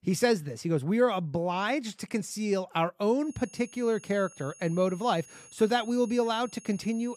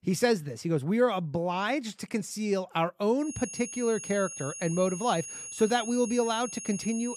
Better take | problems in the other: first | high-pitched whine; loud; from 3.5 s on; 6.5 kHz, 9 dB below the speech; faint in the first

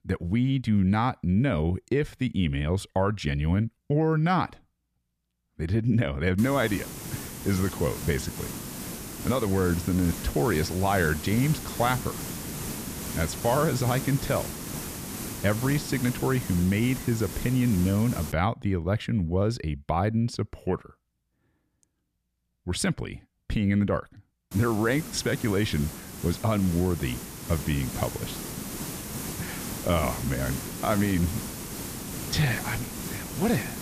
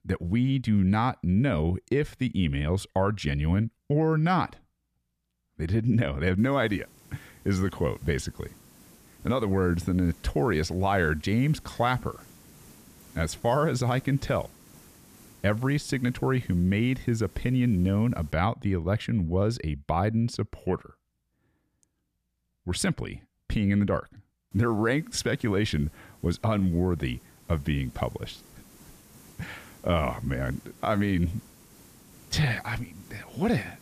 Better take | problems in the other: second | hiss; loud; from 6.5 to 18 s and from 25 s on; 8 dB below the speech; faint in the second

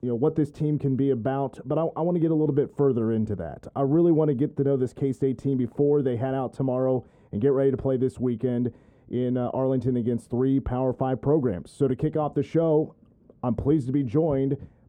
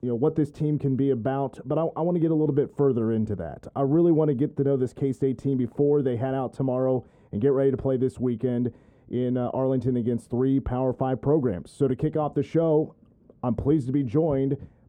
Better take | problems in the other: neither | muffled; very; fading above 1.5 kHz; the same in both

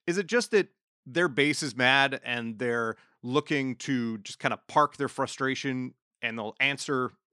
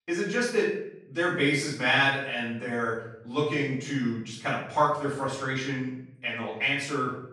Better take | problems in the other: first | off-mic speech; far // room echo; noticeable; dies away in 0.7 s

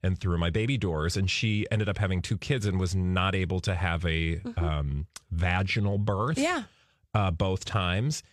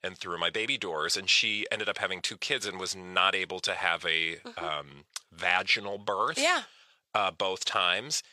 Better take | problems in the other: first | thin; very; fading below 600 Hz

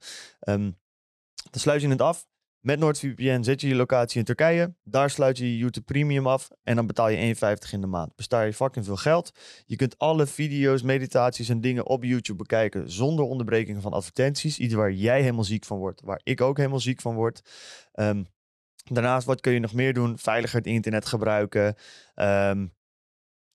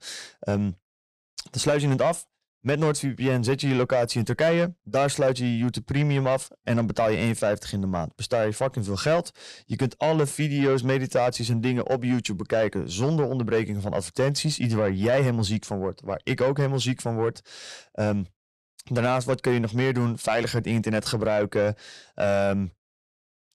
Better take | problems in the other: first | distortion; slight; 10 dB below the speech

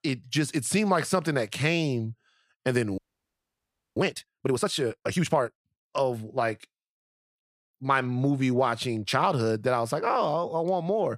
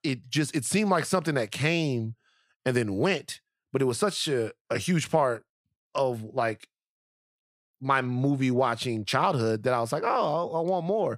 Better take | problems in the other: second | audio freezing; at 3 s for 1 s

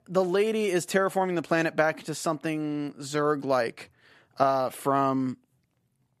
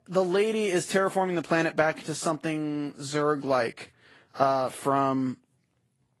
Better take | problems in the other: first | garbled, watery; slightly; nothing above 11.5 kHz

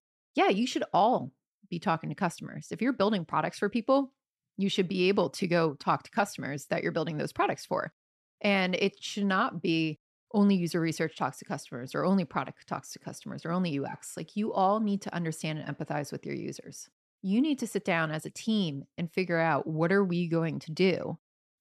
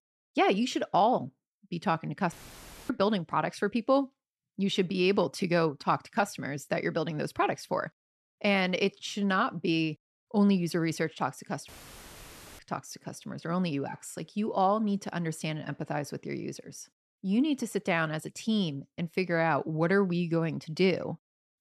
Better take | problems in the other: first | audio cutting out; filled with static; at 2.5 s for 0.5 s and at 12 s for 1 s

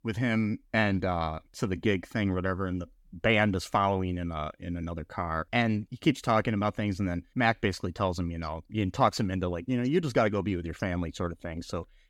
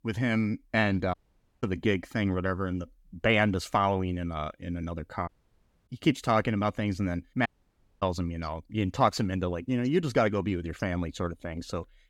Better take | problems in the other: first | audio cutting out; at 1 s, at 5.5 s for 0.5 s and at 7.5 s for 0.5 s

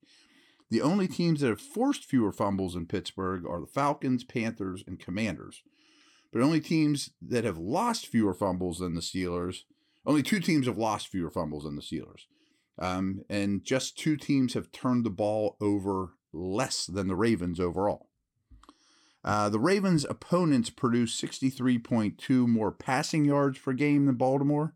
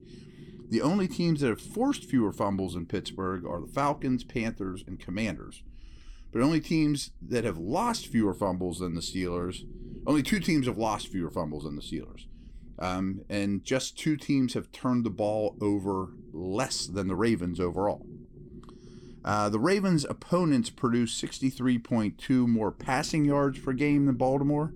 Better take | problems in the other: first | low rumble; faint; throughout; 25 dB below the speech

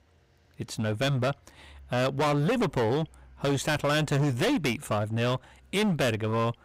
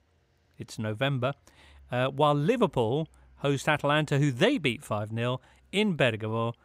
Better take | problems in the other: second | distortion; heavy; 18% of the sound clipped

